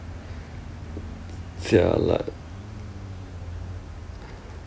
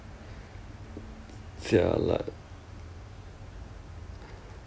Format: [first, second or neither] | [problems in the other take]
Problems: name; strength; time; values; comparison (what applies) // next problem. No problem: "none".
second | background sound (Motorcycle); 11 dB below the speech